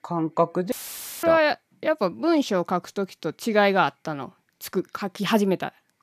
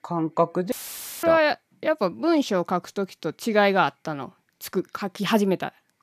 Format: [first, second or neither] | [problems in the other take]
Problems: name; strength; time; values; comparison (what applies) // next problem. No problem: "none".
neither | audio cutting out; filled with static; at 0.5 s for 0.5 s; the same in both